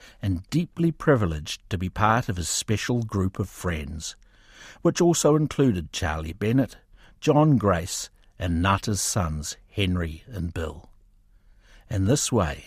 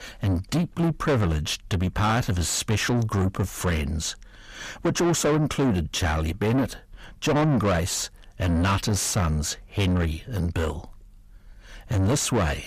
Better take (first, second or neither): first